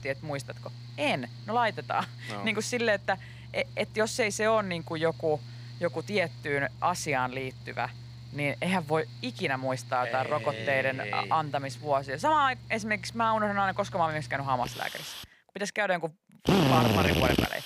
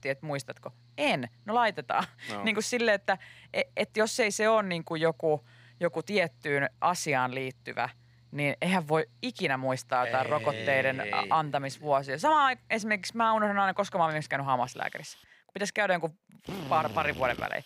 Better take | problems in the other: second | machinery noise; loud; throughout; 6 dB below the speech; faint in the second

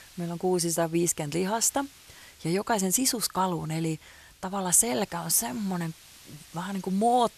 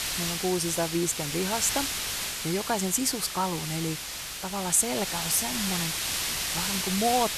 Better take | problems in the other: first | hiss; loud; throughout; 1 dB below the speech; faint in the first

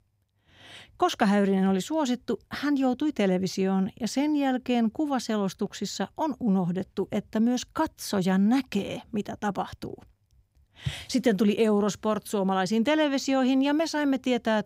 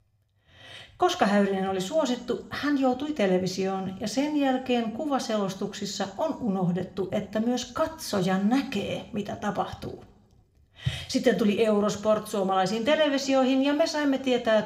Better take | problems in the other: first | room echo; very slight; dies away in 0.6 s

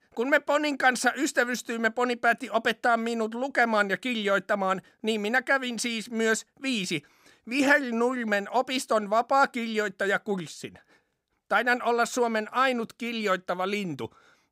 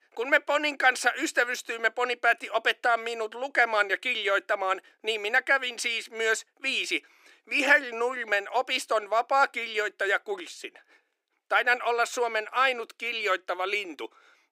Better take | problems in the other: first | thin; somewhat; fading below 350 Hz

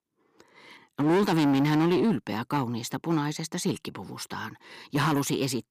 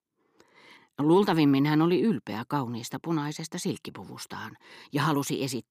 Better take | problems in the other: second | distortion; slight; 10% of the sound clipped

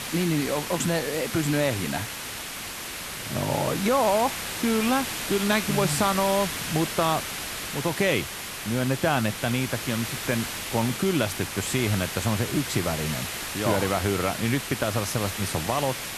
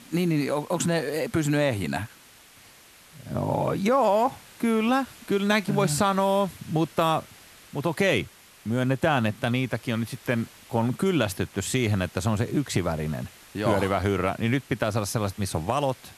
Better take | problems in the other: second | hiss; loud; throughout; 5 dB below the speech; faint in the second

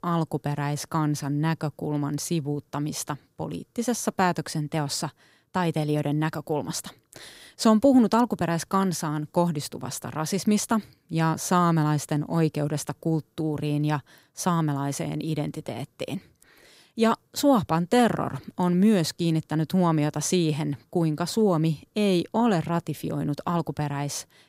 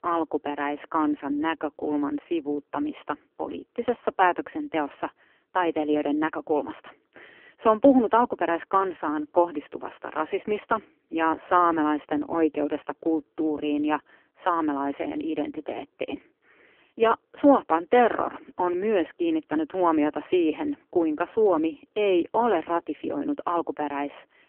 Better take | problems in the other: first | phone-call audio; poor line; nothing above 3 kHz

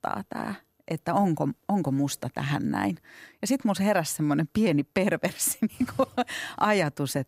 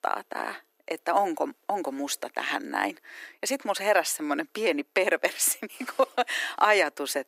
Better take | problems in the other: first | thin; somewhat; fading below 350 Hz

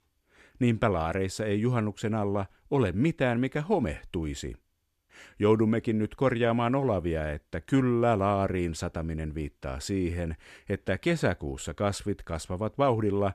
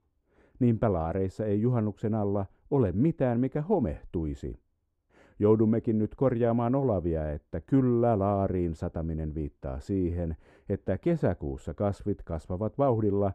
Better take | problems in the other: first | muffled; very; fading above 1.5 kHz

